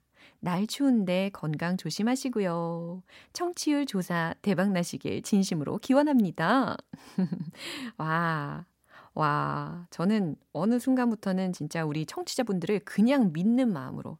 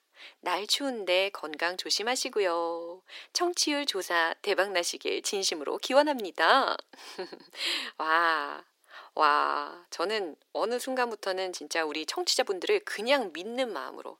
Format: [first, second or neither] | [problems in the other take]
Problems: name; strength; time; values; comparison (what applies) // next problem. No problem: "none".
first | thin; very; fading below 350 Hz